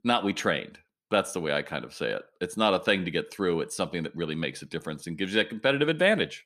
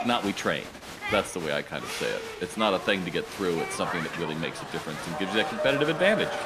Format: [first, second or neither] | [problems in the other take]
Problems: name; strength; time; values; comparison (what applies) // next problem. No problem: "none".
first | crowd noise; loud; throughout; 6 dB below the speech